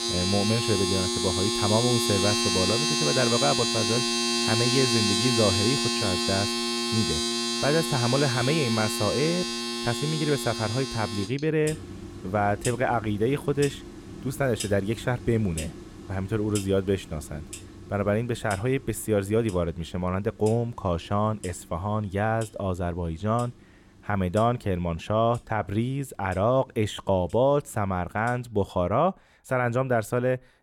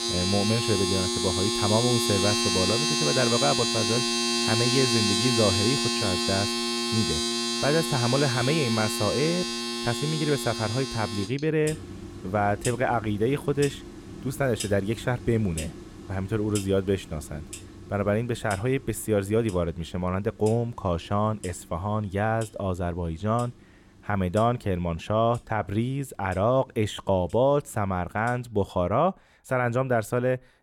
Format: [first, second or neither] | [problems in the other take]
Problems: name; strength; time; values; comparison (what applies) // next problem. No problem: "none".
neither | household noises; very loud; throughout; 1 dB above the speech; the same in both